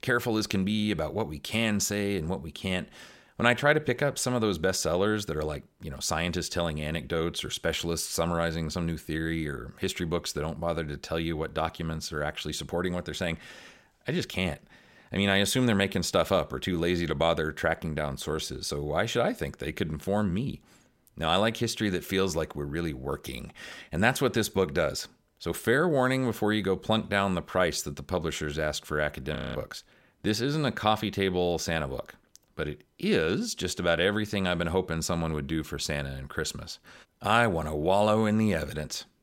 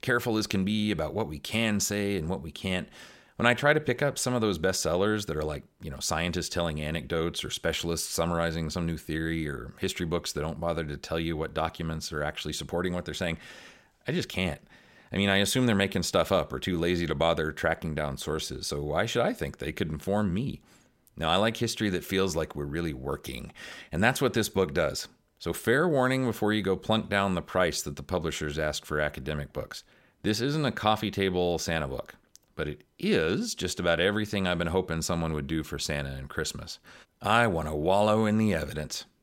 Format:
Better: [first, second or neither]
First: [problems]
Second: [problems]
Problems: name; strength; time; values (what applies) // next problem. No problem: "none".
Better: second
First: audio freezing; at 29 s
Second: none